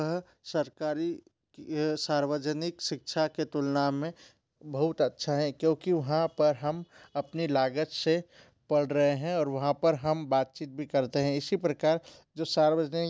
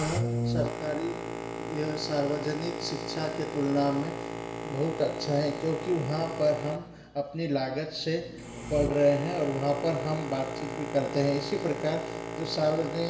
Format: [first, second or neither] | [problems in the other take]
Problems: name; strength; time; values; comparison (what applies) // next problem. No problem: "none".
first | background sound (Boat, Water vehicle); 6 dB below the speech // room echo; dies away in 1.3 s